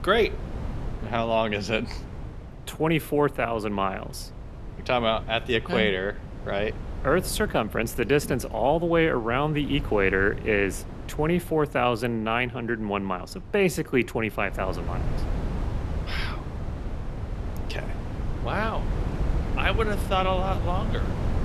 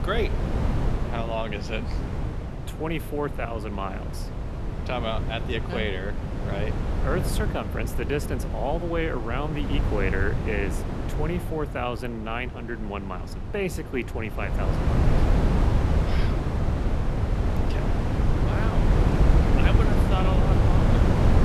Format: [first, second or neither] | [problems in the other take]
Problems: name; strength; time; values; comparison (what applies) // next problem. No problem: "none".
first | wind noise on the microphone; heavy; 2 dB below the speech; occasional gusts in the first